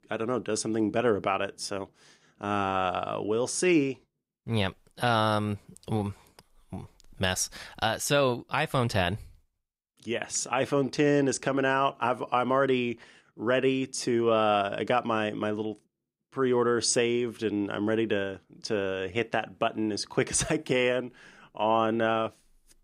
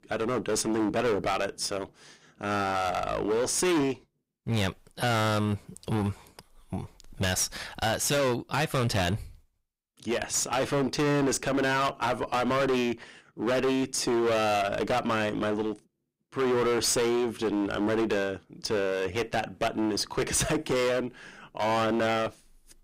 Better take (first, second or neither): first